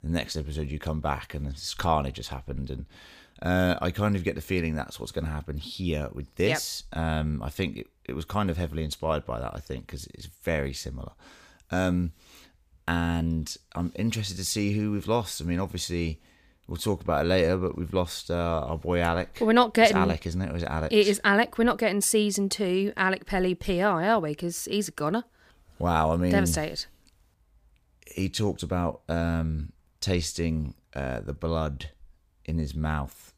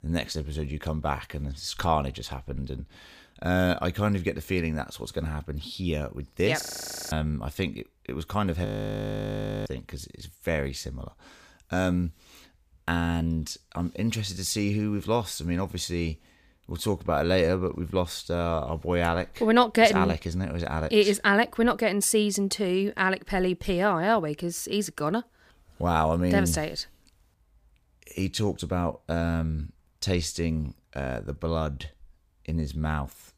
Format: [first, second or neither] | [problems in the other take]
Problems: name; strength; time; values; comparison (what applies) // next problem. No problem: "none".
first | audio freezing; at 6.5 s for 0.5 s and at 8.5 s for 1 s